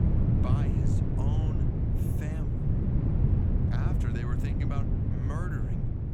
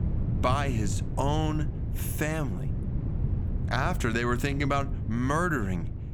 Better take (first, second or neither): second